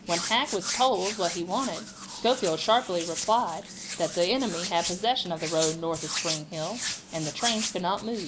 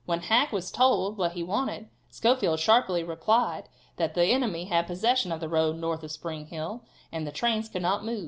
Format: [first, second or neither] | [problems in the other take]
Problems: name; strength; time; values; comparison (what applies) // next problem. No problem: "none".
second | background sound (Hands); 7 dB below the speech